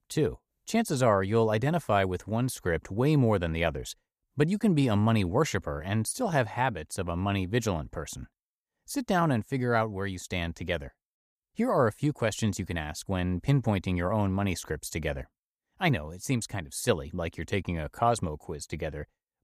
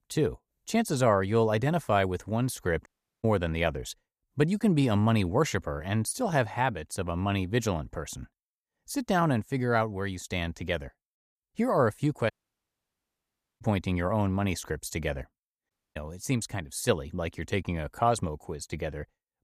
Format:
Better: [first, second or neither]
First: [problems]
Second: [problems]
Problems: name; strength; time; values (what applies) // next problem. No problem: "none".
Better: first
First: none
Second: audio cutting out; at 3 s, at 12 s for 1.5 s and at 16 s